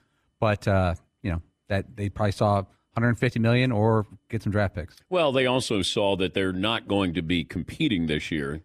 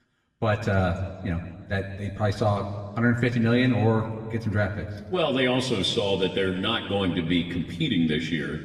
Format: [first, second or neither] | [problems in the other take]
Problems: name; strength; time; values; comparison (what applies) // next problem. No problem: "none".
first | room echo; slight; dies away in 1.6 s // off-mic speech; somewhat distant